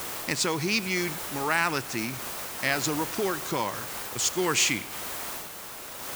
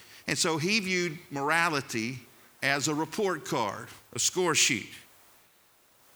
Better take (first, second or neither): second